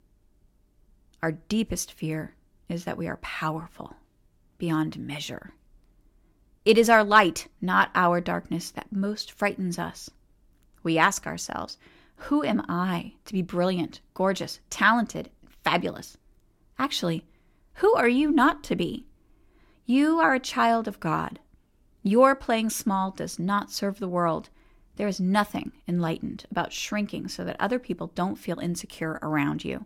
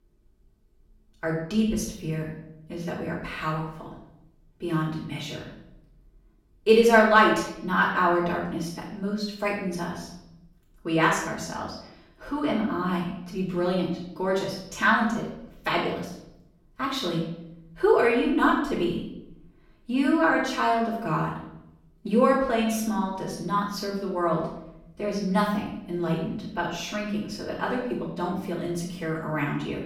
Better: first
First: none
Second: off-mic speech; far // room echo; noticeable; dies away in 0.7 s

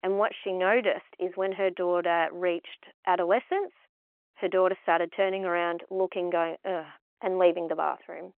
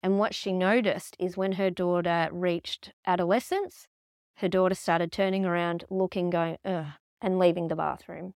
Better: second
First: phone-call audio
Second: none

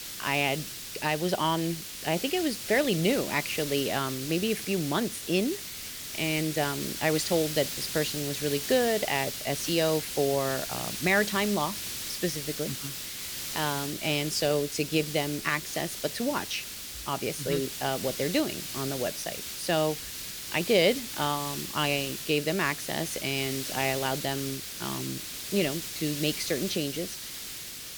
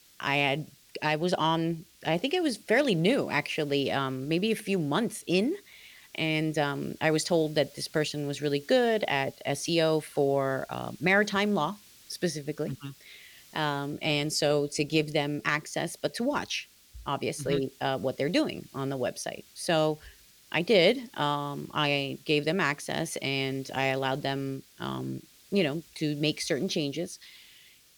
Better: second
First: hiss; loud; throughout; 5 dB below the speech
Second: hiss; faint; throughout; 25 dB below the speech

